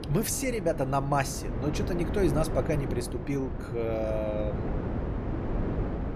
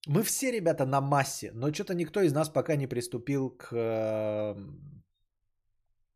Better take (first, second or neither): second